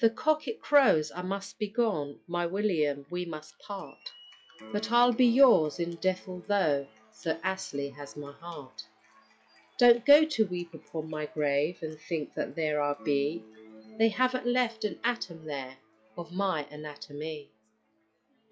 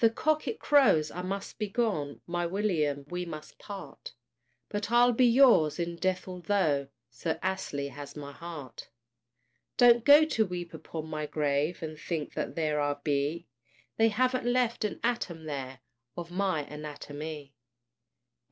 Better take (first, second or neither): second